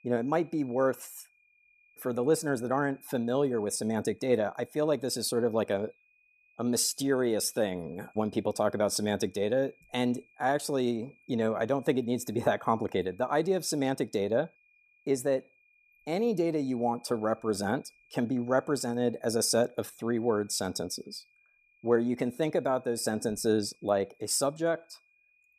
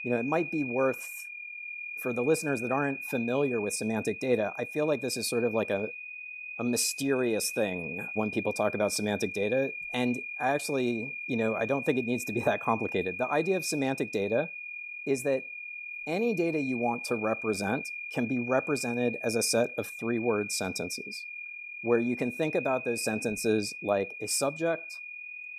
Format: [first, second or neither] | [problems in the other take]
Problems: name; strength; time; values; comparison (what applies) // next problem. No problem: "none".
first | high-pitched whine; loud; throughout; 2.5 kHz, 7 dB below the speech; faint in the first